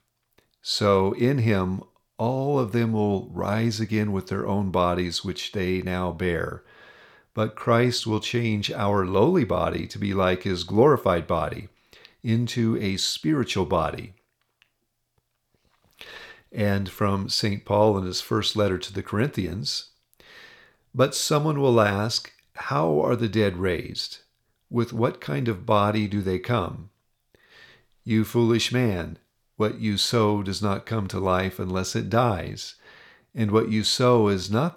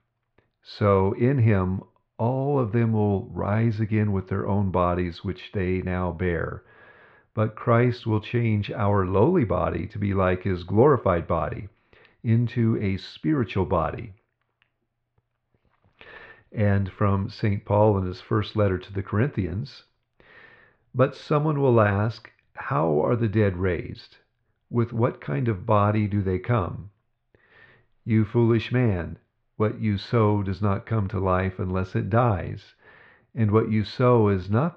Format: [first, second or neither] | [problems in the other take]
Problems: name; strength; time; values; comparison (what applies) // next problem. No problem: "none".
first | muffled; very; fading above 2.5 kHz